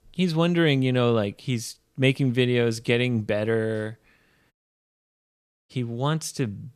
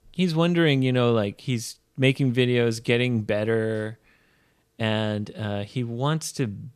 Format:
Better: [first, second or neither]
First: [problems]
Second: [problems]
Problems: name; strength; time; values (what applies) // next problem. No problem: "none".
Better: second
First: audio cutting out; at 4.5 s for 1 s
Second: none